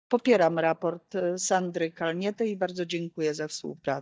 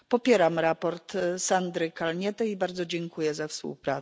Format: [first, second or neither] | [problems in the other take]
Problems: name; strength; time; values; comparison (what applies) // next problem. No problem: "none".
second | noise reduction (neural mask model DeepFilterNet 3)